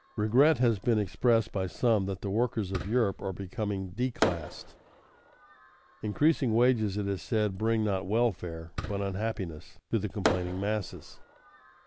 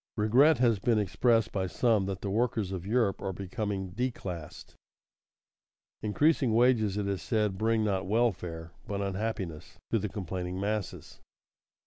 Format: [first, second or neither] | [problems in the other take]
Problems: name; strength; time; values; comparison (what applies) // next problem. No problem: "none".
second | background sound (Fireworks); 11 dB below the speech